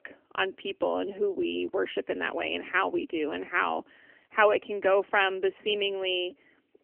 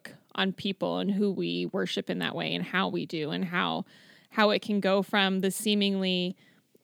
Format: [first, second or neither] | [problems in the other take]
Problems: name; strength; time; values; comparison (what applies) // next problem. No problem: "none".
second | phone-call audio; nothing above 3 kHz